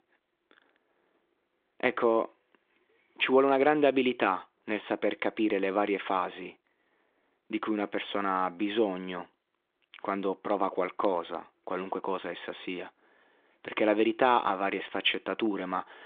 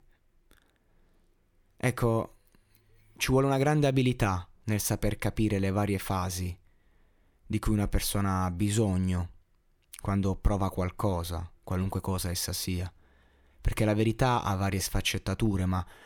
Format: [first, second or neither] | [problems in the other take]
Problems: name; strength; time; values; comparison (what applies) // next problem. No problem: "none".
second | phone-call audio